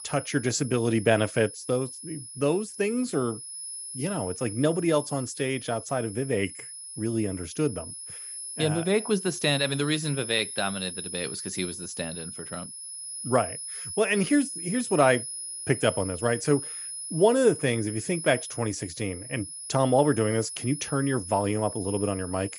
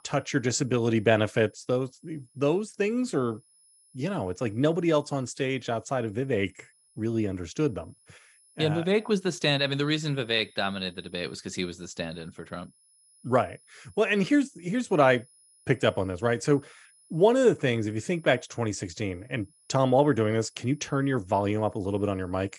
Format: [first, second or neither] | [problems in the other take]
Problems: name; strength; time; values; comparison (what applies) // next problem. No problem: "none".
second | high-pitched whine; loud; throughout; 10.5 kHz, 9 dB below the speech; faint in the second